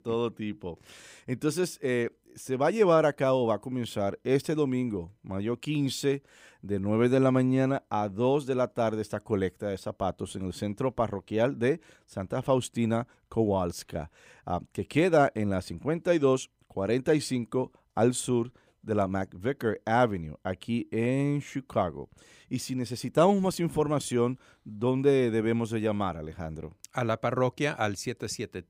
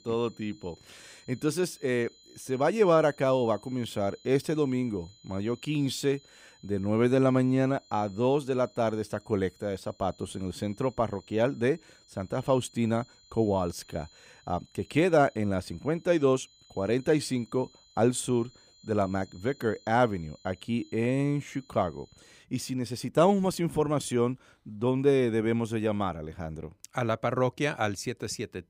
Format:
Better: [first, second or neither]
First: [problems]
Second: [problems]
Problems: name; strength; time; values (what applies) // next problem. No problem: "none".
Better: first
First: none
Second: high-pitched whine; faint; until 22 s; 4 kHz, 30 dB below the speech